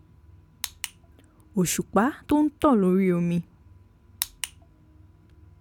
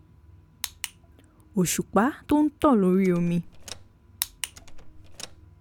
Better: first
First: none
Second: background sound (Door); 16 dB below the speech

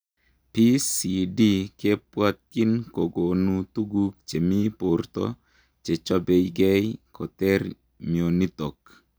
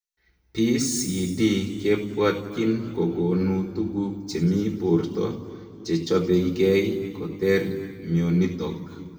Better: first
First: none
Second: room echo; dies away in 2 s

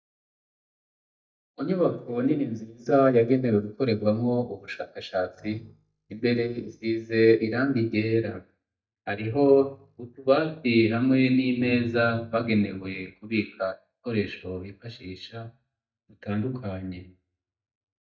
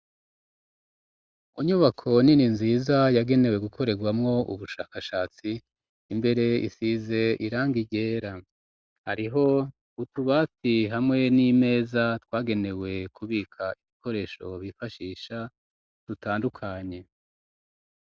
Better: second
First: noise reduction (neural mask model DeepFilterNet 3)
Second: none

